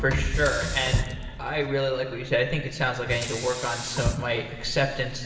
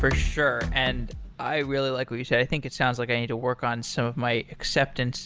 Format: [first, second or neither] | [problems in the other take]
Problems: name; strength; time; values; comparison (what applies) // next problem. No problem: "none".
second | background sound (Sink (filling or washing)); 7 dB below the speech // room echo; dies away in 2.6 s